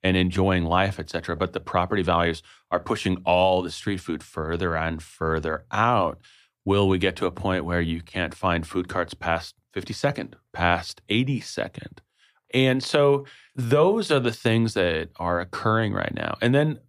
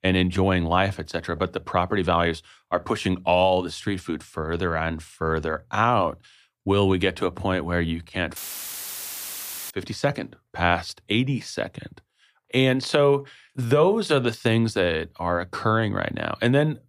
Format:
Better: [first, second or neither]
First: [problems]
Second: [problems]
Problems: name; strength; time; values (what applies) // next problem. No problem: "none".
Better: first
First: none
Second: audio cutting out; filled with static; at 8.5 s for 1.5 s